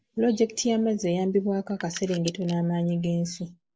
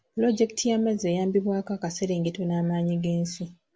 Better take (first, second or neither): second